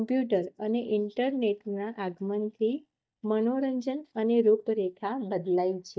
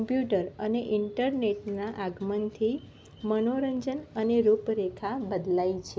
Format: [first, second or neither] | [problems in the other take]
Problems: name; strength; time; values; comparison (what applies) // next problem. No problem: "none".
second | noise reduction (neural mask model DeepFilterNet 3)